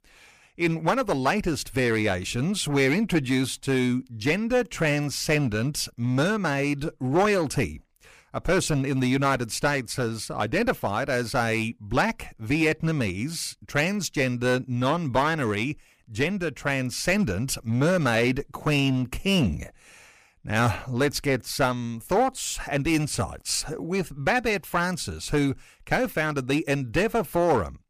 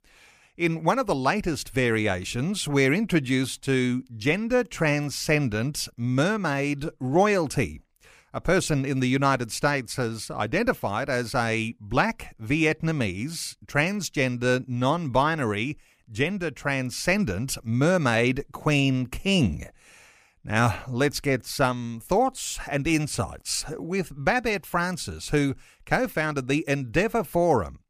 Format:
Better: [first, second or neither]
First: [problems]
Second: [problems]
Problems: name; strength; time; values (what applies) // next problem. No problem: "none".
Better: second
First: distortion; slight; 5% of the sound clipped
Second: none